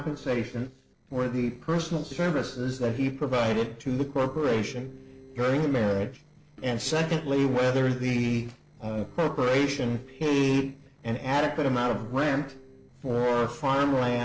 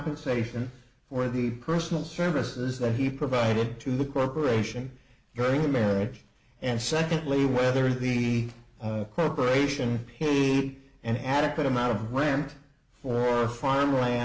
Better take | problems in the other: second | noise reduction (neural separator model SepFormer DNS4)

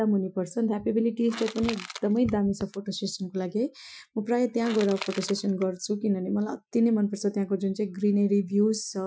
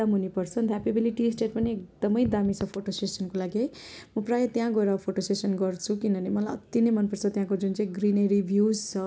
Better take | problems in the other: second | noise reduction (classical method Wiener filter)

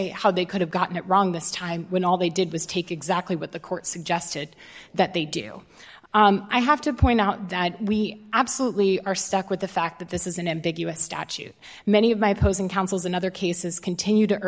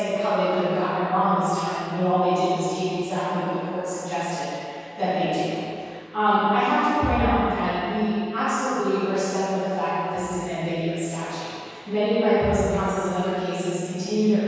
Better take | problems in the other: first | room echo; dies away in 2.2 s

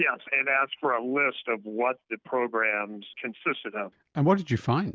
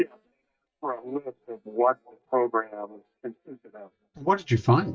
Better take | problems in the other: first | noise reduction (neural mask model DeepFilterNet 3)

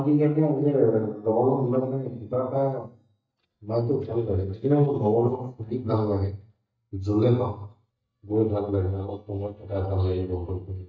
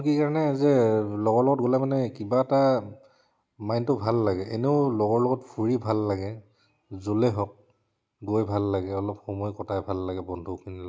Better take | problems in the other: second | noise reduction (neural mask model DeepFilterNet 3)

